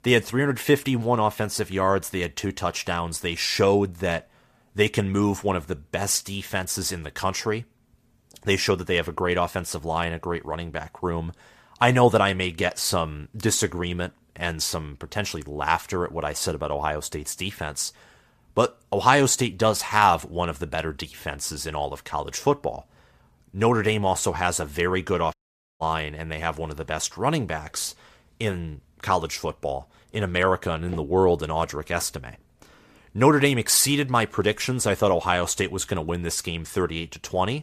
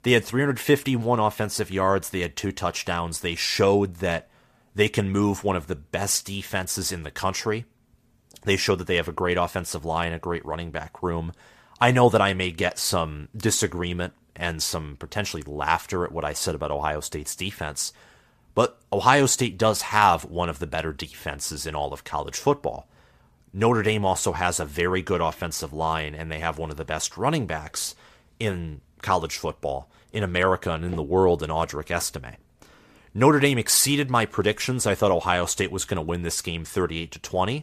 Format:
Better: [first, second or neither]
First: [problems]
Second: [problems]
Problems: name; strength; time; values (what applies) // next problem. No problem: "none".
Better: second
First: audio cutting out; at 25 s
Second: none